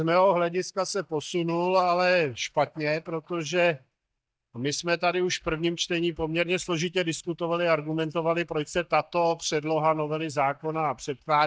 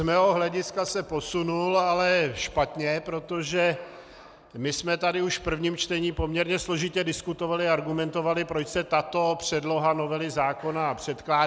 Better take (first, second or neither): second